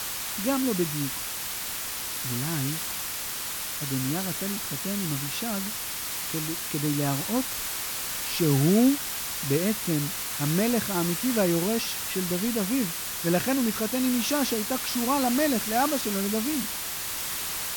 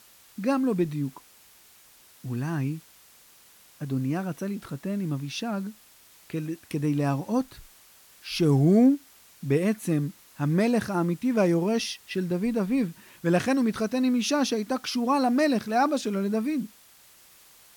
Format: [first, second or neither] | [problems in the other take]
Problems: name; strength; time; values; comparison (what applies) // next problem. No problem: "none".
second | hiss; loud; throughout; 1 dB below the speech; faint in the second